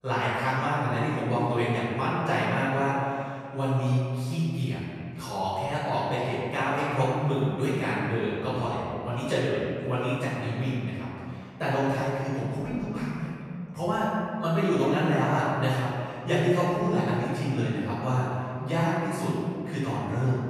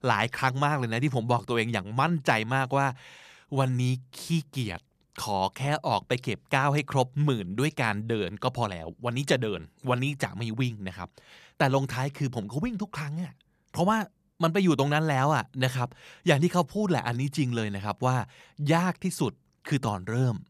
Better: second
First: off-mic speech; far // room echo; strong; dies away in 2.2 s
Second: none

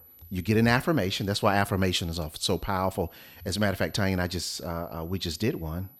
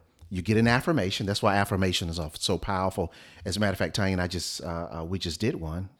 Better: second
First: high-pitched whine; faint; throughout; 12 kHz, 25 dB below the speech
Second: none

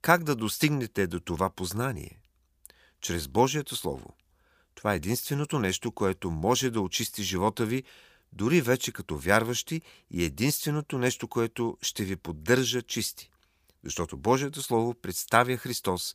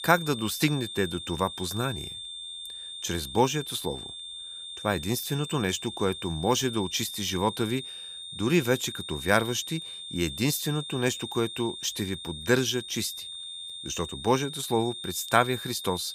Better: first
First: none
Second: high-pitched whine; loud; throughout; 3.5 kHz, 8 dB below the speech

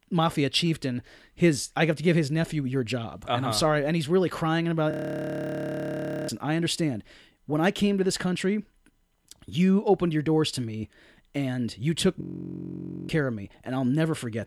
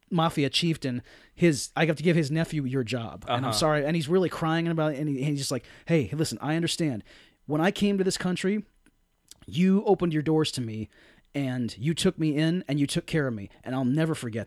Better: second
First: audio freezing; at 5 s for 1.5 s and at 12 s for 1 s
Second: none

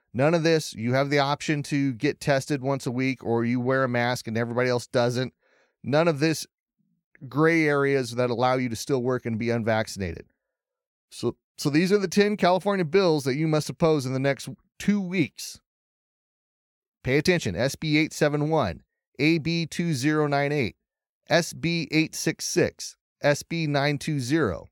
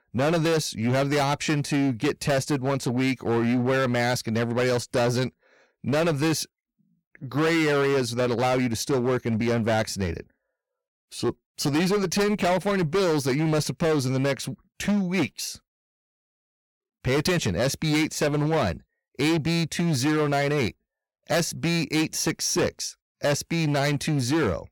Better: first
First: none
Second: distortion; heavy; 17% of the sound clipped

